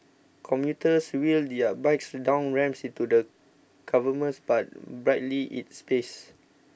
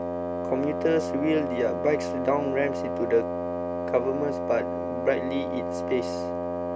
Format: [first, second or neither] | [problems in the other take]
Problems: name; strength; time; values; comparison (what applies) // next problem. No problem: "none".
first | background sound (Wind instrument, woodwind instrument); 1 dB below the speech